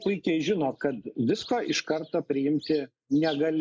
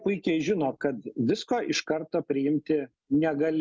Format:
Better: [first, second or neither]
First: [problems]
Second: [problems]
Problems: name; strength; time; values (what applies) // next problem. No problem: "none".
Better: second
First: noise reduction (neural mask model Resemble Enhance denoiser)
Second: none